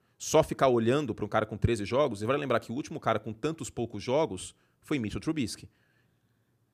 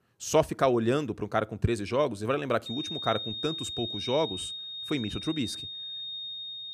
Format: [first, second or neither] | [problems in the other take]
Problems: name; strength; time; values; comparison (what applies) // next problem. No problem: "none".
first | high-pitched whine; loud; from 2.5 s on; 3.5 kHz, 5 dB below the speech